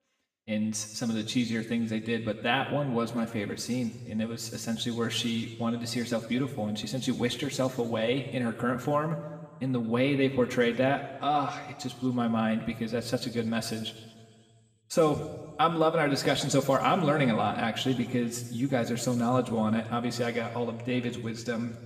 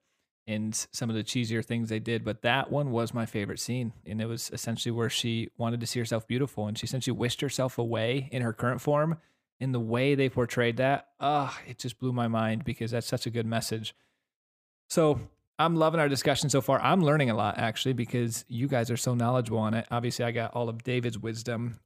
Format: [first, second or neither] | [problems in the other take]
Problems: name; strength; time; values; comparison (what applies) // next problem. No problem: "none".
second | room echo; slight; dies away in 1.3 s // off-mic speech; somewhat distant